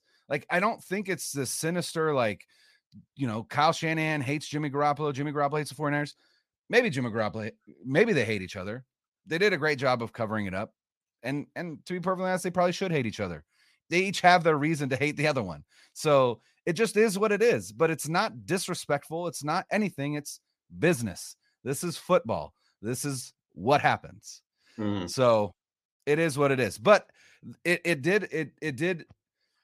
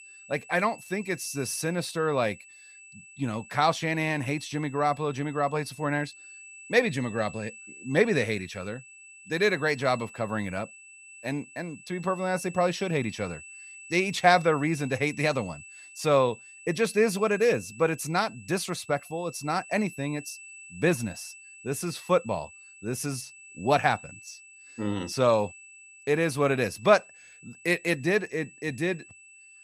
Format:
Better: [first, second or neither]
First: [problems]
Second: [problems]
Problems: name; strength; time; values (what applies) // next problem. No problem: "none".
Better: first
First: none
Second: high-pitched whine; noticeable; throughout; 2.5 kHz, 20 dB below the speech